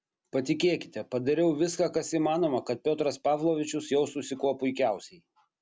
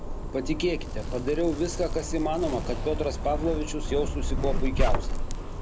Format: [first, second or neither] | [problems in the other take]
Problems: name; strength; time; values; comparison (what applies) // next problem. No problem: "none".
first | background sound (Zipper (clothing)); 1 dB above the speech